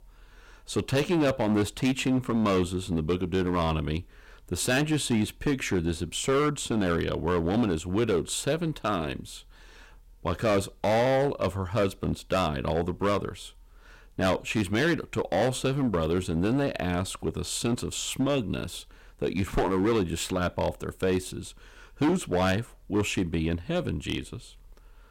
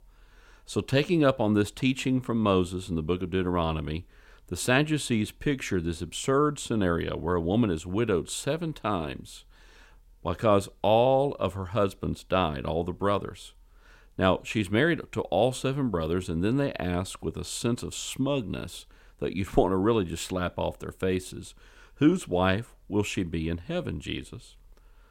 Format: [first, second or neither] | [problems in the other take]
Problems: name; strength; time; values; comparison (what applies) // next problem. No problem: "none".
second | distortion; heavy; 9% of the sound clipped